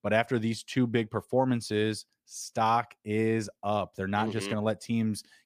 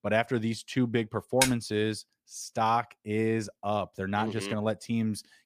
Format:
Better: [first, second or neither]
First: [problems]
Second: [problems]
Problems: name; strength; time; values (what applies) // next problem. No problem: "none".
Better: first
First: none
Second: keyboard typing; loud; at 1.5 s; peak 2 dB above the speech